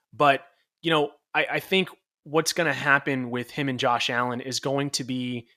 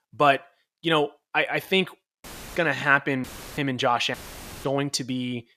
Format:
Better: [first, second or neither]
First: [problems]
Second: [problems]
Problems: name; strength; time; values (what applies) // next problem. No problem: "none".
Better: first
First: none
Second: audio cutting out; filled with static; at 2 s, at 3 s and at 4 s for 0.5 s